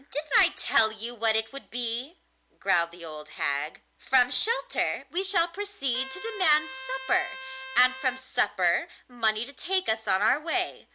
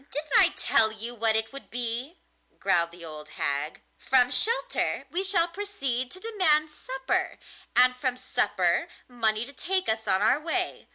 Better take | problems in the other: second | background sound (Trumpet); 12 dB below the speech

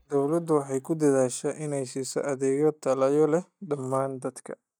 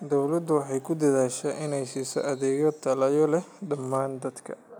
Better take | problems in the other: second | noise reduction (neural mask model DeepFilterNet 3)

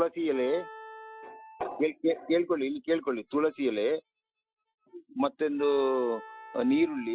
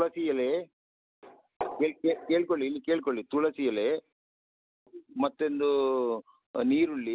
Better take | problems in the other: second | noise reduction (classical method Wiener filter)

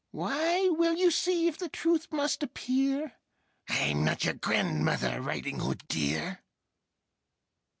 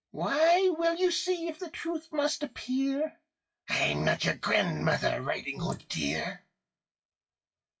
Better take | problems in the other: first | noise reduction (classical method WPE with log-MMSE)

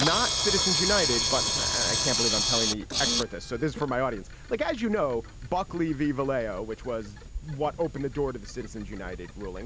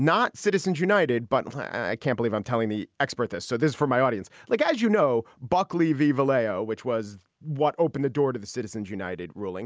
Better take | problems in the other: second | background sound (Camera); as loud as the speech

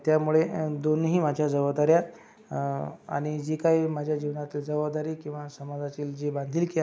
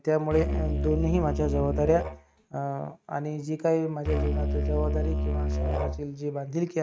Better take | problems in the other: first | noise reduction (neural mask model RNNoise)

